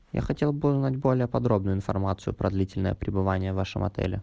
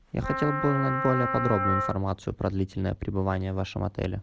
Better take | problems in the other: first | background sound (Wind instrument, woodwind instrument); 3 dB below the speech

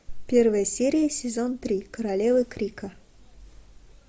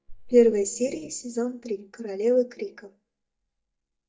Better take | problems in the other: first | noise reduction (neural mask model DeepFilterNet 3)

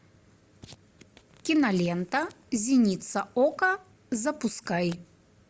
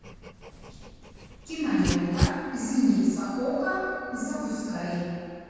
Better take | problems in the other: first | background sound (Dog); 8 dB below the speech // room echo; dies away in 2.1 s

